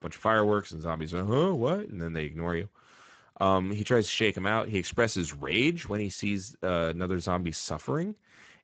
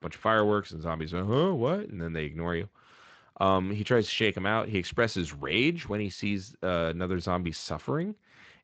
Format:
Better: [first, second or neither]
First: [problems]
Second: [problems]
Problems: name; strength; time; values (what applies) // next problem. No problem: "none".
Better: second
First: garbled, watery; badly; nothing above 7.5 kHz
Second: garbled, watery; slightly; nothing above 8 kHz